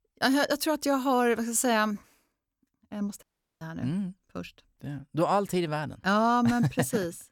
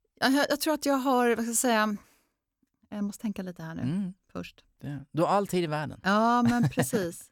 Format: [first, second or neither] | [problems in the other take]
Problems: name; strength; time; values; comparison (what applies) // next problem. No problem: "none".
second | audio cutting out; at 3 s